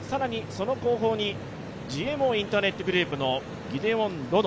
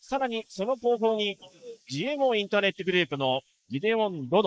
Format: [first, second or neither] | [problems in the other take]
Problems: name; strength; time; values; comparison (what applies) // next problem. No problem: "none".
first | noise reduction (neural mask model Resemble Enhance denoiser)